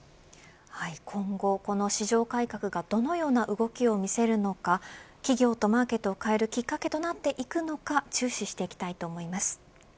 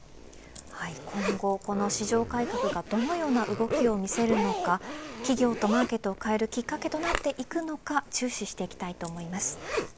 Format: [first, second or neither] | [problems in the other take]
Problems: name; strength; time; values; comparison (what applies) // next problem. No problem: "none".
first | background sound (Zipper (clothing)); 6 dB below the speech